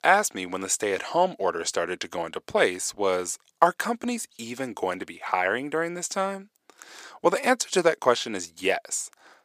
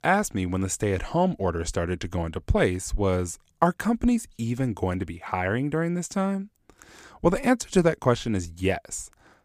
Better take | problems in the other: second | thin; somewhat; fading below 450 Hz

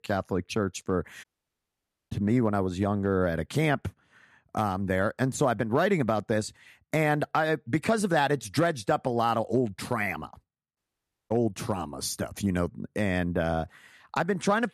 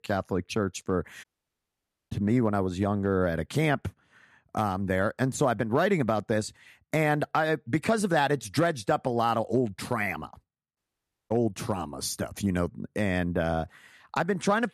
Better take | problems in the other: neither | audio cutting out; at 1 s for 1 s and at 11 s for 0.5 s; the same in both

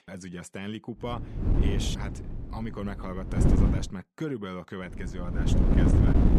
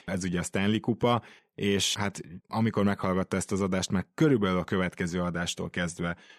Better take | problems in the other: second | wind noise on the microphone; heavy; from 1 to 4 s and from 5 s on; 5 dB above the speech

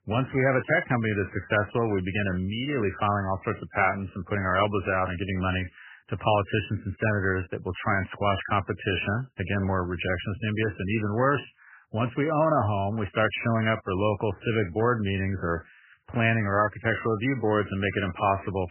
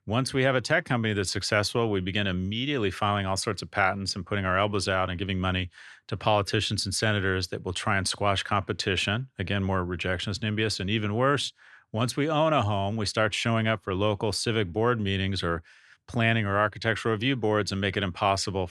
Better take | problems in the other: second | garbled, watery; badly; nothing above 3 kHz

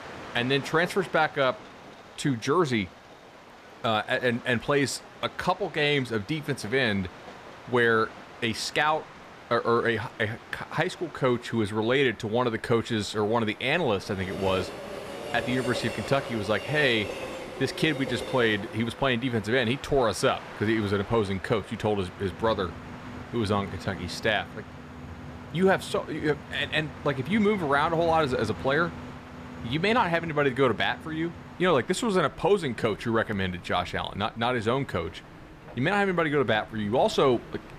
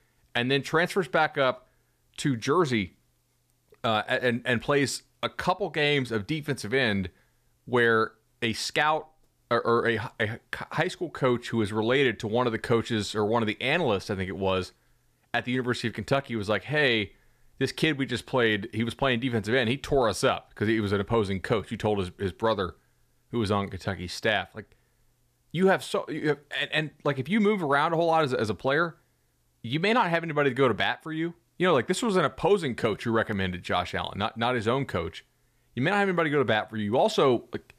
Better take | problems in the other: second | train or aircraft noise; noticeable; throughout; 15 dB below the speech

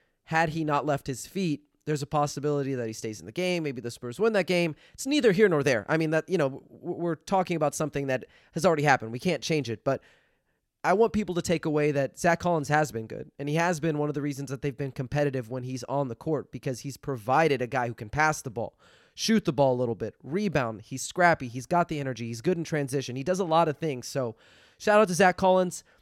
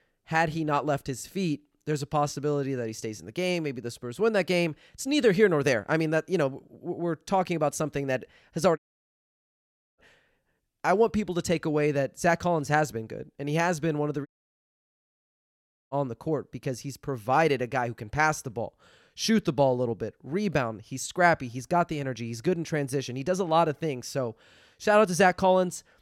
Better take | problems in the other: first | audio cutting out; at 9 s for 1 s and at 14 s for 1.5 s

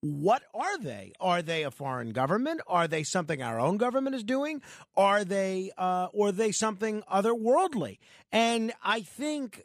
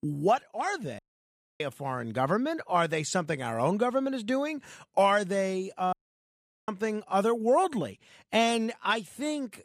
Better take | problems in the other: first | audio cutting out; at 1 s for 0.5 s and at 6 s for 1 s

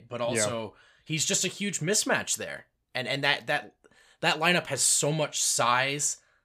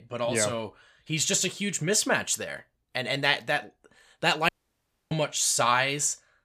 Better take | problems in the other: first | audio cutting out; at 4.5 s for 0.5 s

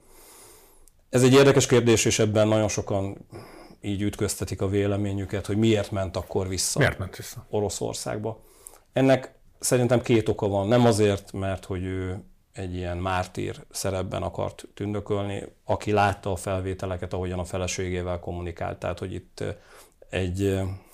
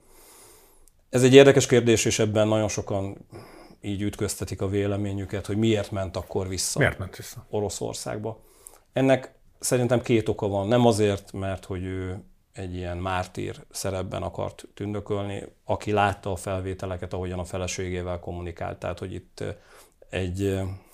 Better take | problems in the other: second | distortion; slight; 1% of the sound clipped

